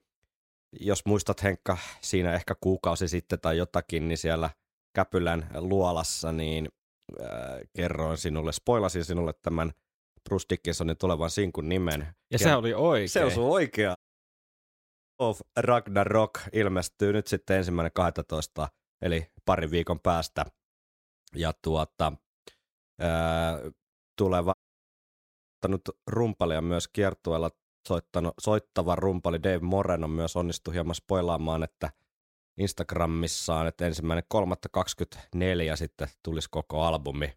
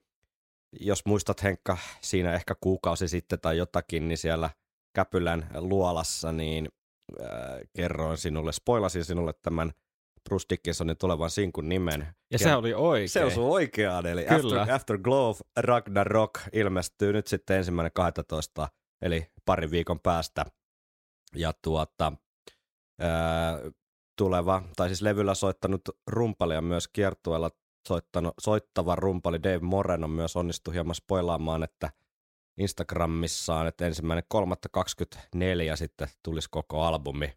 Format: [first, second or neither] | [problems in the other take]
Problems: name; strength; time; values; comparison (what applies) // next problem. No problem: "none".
second | audio cutting out; at 14 s for 1 s and at 25 s for 1 s